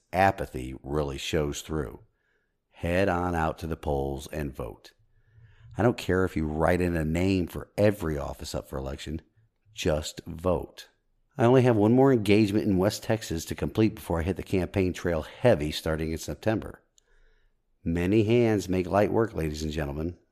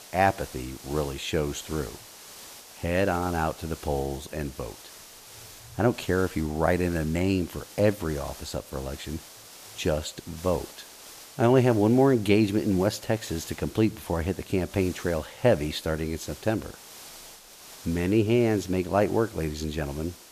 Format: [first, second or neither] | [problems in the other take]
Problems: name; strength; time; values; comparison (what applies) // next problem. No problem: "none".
first | hiss; noticeable; throughout; 20 dB below the speech